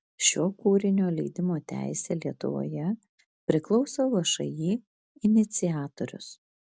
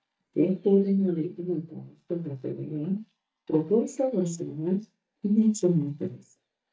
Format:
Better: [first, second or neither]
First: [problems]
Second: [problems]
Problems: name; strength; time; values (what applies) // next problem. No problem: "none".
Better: first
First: none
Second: noise reduction (neural mask model DeepFilterNet 3)